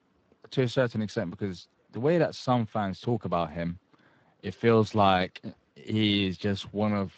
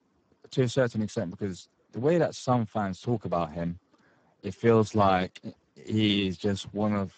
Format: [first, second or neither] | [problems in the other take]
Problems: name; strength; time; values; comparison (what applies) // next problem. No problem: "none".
first | garbled, watery; badly; nothing above 8 kHz; slightly in the first